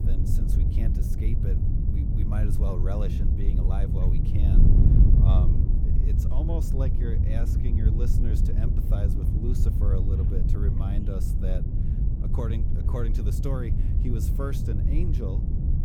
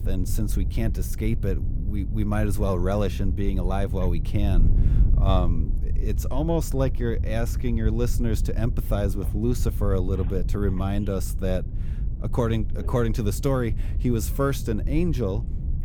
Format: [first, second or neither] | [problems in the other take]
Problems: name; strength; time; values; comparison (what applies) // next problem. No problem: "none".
second | wind noise on the microphone; heavy; as loud as the speech; occasional gusts in the second